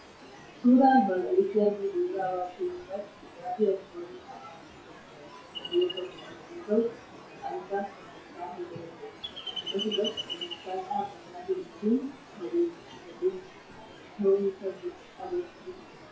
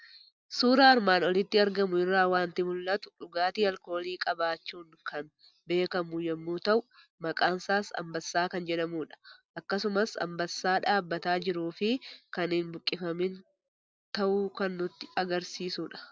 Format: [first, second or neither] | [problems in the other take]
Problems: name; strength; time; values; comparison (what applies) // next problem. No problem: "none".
second | noise reduction (classical method WPE with log-MMSE)